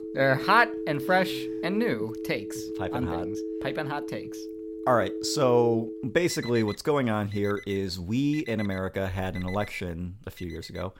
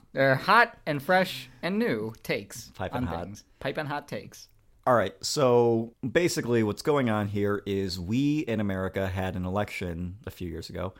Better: second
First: alarms or sirens; loud; throughout; 9 dB below the speech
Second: none

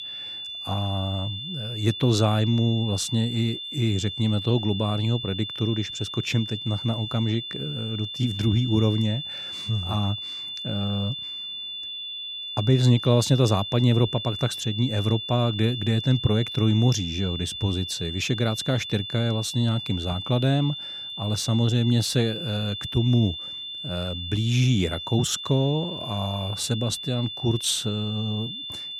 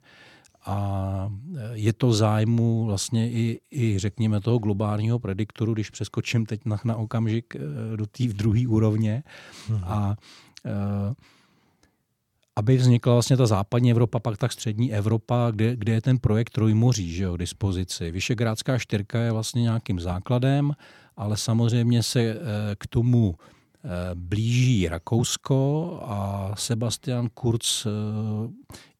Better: second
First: high-pitched whine; loud; throughout; 3.5 kHz, 7 dB below the speech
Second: none

